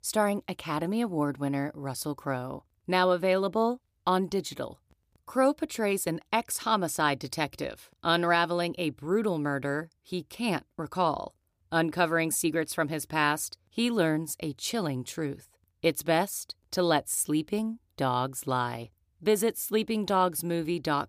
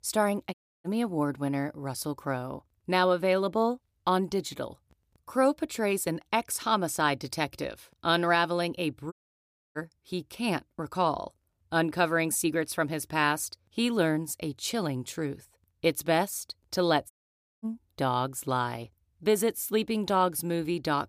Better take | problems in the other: first | audio cutting out; at 0.5 s, at 9 s for 0.5 s and at 17 s for 0.5 s

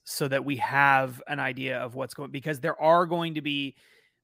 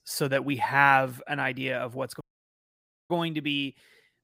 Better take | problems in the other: first | audio cutting out; at 2 s for 1 s

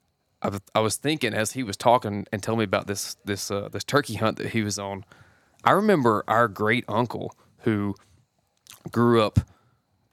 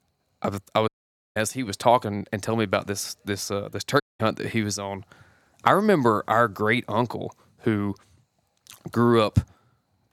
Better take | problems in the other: first | audio cutting out; at 1 s and at 4 s

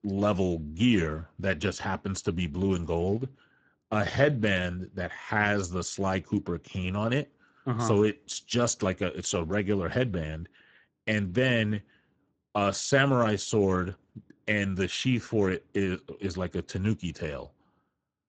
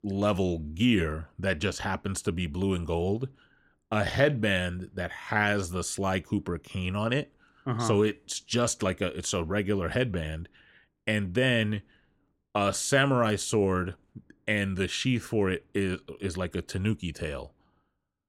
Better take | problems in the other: second | garbled, watery; badly; nothing above 7.5 kHz

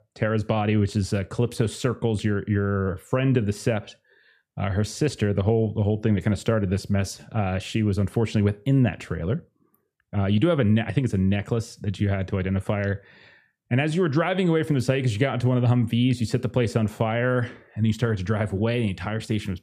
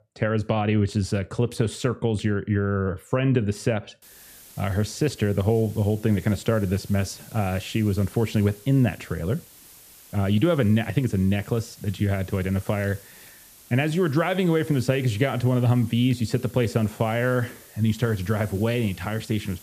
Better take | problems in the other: first | hiss; faint; from 4 s on; 20 dB below the speech

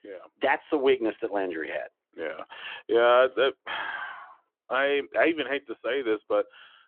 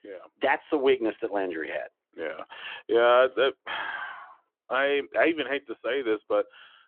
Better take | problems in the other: neither | phone-call audio; nothing above 3.5 kHz; the same in both

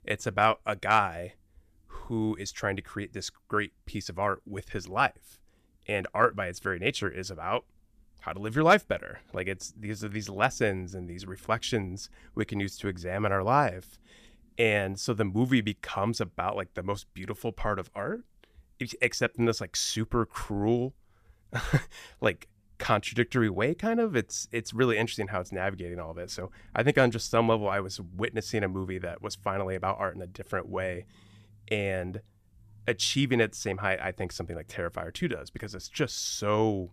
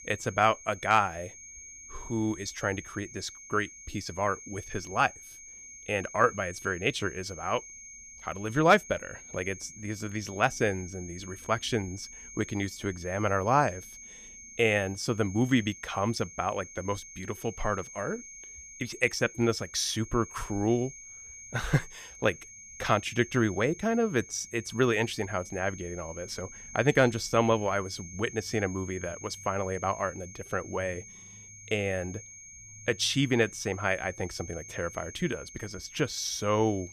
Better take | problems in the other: first | high-pitched whine; noticeable; throughout; 6.5 kHz, 15 dB below the speech

